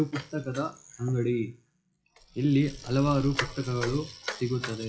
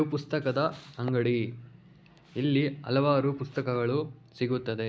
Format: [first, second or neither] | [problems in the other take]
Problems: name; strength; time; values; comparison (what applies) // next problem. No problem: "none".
second | noise reduction (classical method WPE with log-MMSE)